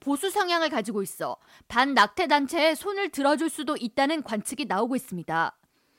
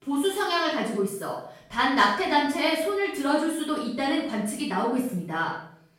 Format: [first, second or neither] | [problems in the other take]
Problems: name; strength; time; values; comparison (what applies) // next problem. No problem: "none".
first | off-mic speech; far // room echo; noticeable; dies away in 0.6 s